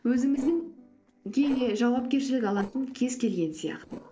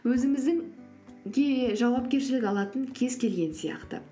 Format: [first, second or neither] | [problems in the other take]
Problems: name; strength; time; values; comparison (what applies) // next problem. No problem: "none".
second | noise reduction (neural separator model SepFormer DNS4)